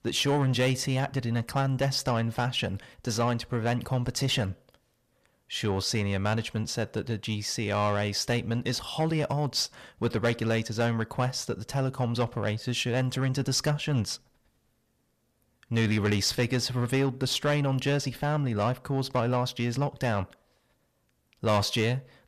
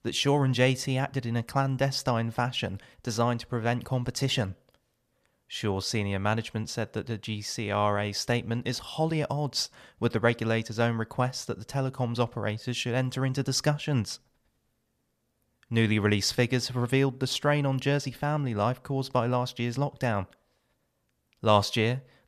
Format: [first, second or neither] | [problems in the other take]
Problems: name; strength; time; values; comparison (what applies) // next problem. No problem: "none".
second | distortion; slight; 10 dB below the speech